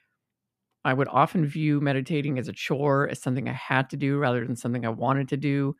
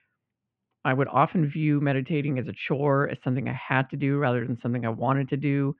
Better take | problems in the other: first | muffled; very; fading above 3 kHz

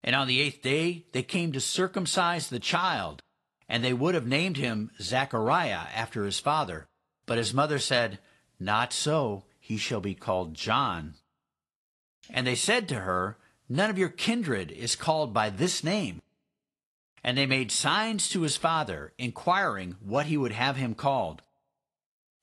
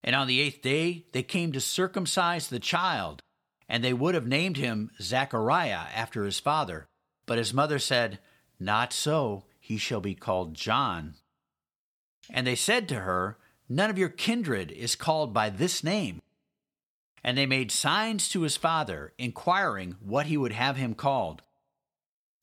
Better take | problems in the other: second | garbled, watery; slightly

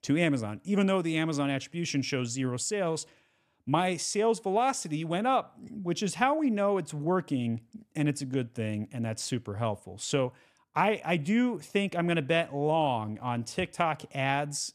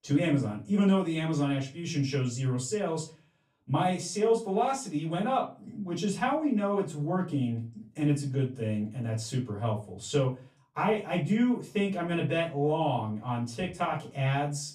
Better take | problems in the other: first | off-mic speech; far // room echo; slight; dies away in 0.3 s

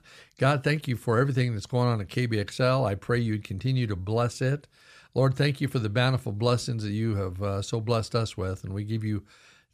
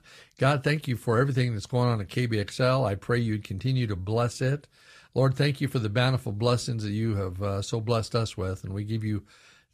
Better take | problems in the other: first | garbled, watery; slightly; nothing above 14.5 kHz

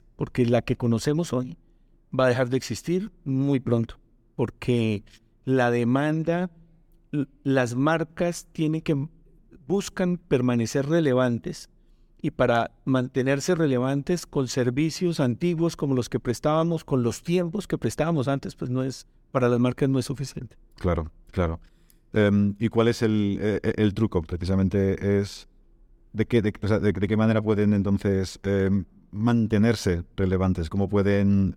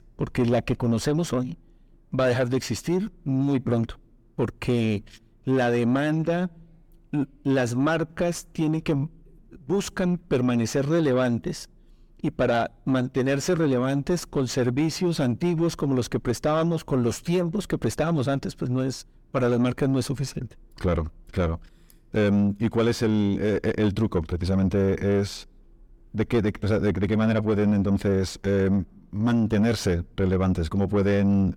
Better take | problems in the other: first | distortion; slight; 10 dB below the speech

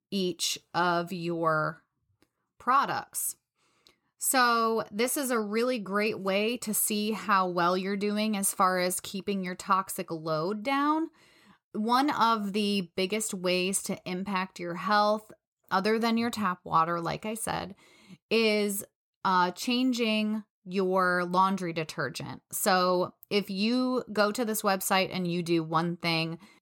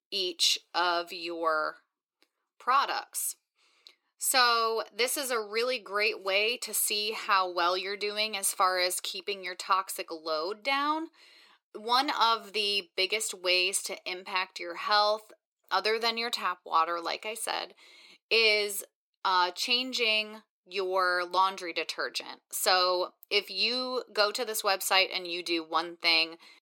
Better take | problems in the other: first | thin; very; fading below 350 Hz

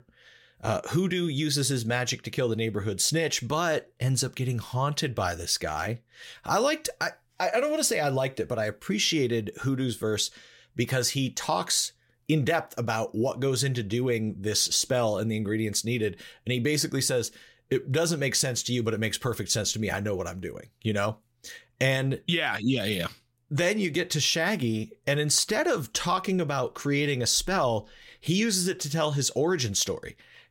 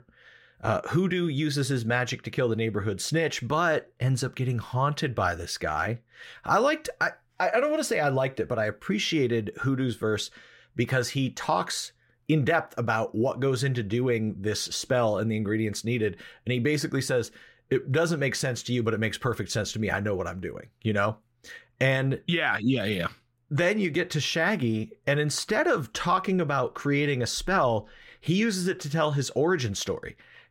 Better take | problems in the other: first | muffled; slightly; fading above 3.5 kHz

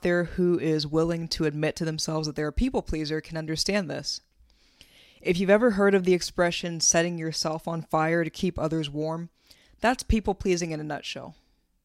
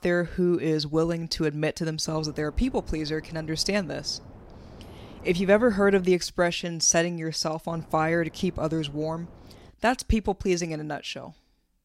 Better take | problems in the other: first | wind noise on the microphone; occasional gusts; from 2 to 6 s and from 7.5 to 9.5 s; 25 dB below the speech

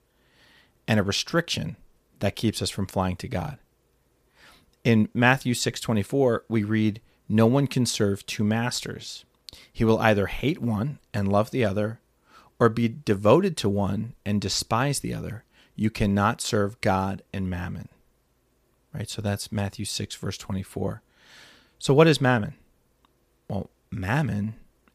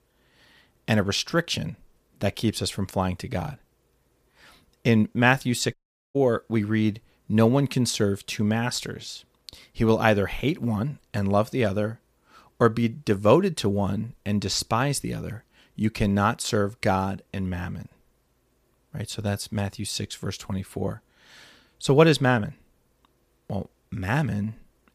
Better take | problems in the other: first | audio cutting out; at 5.5 s

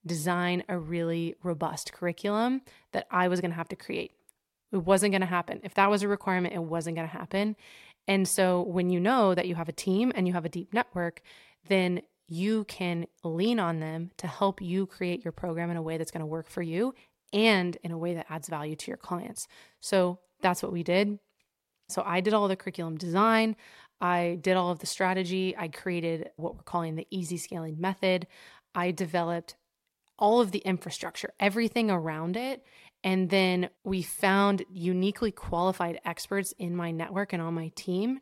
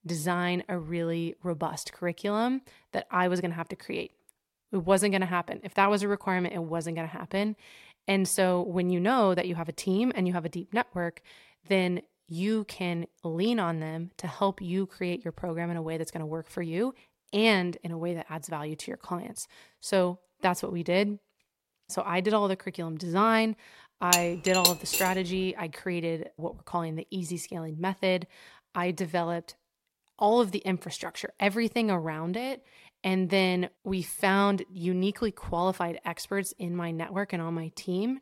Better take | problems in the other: first | clattering dishes; loud; at 24 s; peak 5 dB above the speech

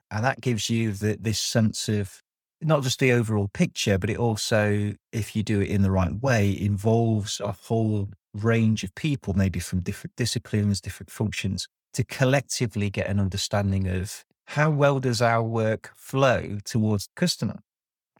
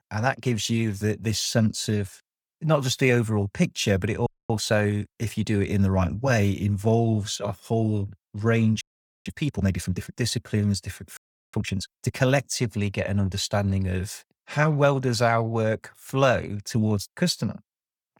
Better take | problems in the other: first | audio freezing; at 4.5 s, at 9 s and at 11 s

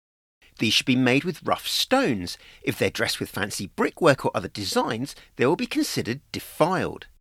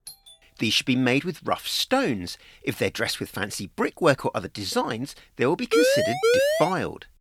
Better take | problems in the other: first | doorbell; faint; at the start; peak 15 dB below the speech // siren; loud; from 5.5 s on; peak 5 dB above the speech

